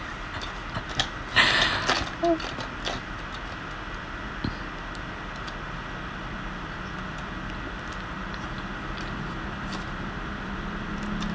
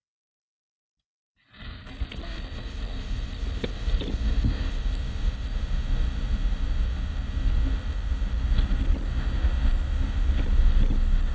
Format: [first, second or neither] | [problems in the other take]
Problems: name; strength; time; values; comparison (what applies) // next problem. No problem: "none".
first | noise reduction (neural mask model DeepFilterNet 3)